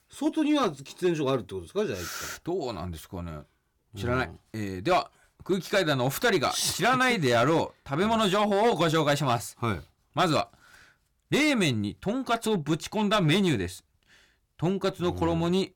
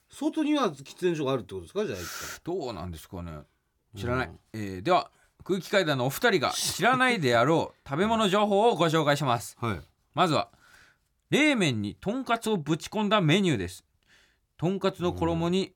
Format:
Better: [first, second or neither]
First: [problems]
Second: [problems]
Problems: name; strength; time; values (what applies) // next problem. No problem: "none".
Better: second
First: distortion; slight; 4% of the sound clipped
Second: none